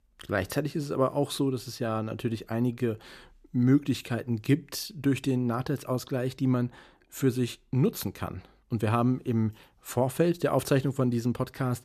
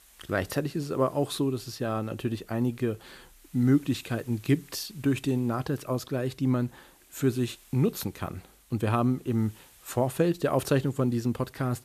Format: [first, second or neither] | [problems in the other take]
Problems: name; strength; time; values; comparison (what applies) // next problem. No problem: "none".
first | hiss; faint; throughout; 25 dB below the speech